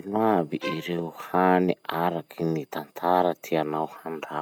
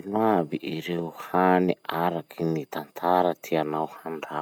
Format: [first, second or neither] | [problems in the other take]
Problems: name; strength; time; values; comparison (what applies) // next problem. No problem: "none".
second | background sound (Bowed string instrument); 13 dB below the speech